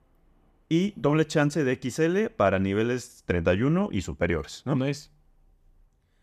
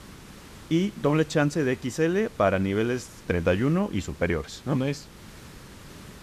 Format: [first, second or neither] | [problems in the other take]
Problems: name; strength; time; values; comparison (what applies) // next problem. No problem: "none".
first | hiss; faint; throughout; 20 dB below the speech